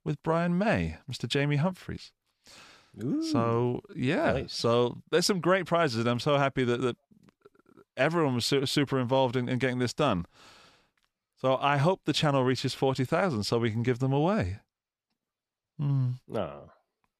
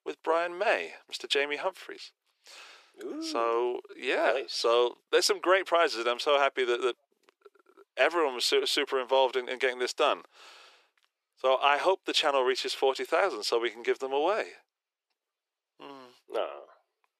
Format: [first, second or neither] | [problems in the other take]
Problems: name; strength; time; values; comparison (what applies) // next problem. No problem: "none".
first | thin; very; fading below 350 Hz